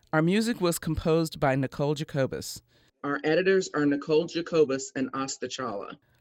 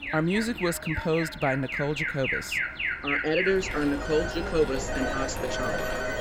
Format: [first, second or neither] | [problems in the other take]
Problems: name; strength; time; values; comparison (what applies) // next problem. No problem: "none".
first | alarms or sirens; loud; throughout; 2 dB below the speech